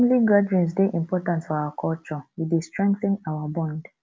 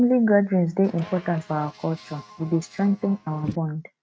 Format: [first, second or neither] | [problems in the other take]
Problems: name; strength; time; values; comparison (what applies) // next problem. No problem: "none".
first | noise reduction (neural mask model RNNoise)